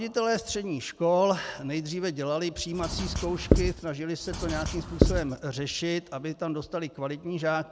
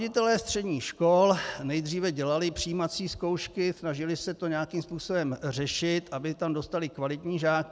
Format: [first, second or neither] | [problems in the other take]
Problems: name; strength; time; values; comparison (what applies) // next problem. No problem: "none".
second | background sound (Writing); 1 dB above the speech